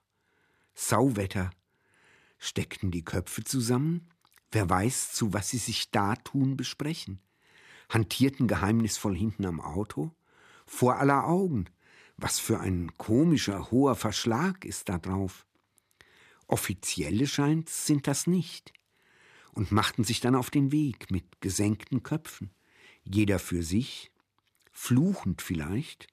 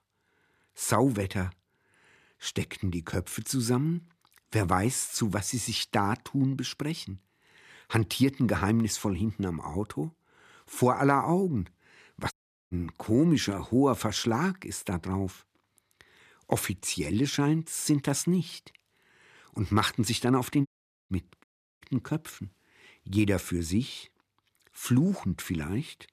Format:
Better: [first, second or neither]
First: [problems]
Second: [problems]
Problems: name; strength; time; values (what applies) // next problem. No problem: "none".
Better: first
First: none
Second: audio cutting out; at 12 s and at 21 s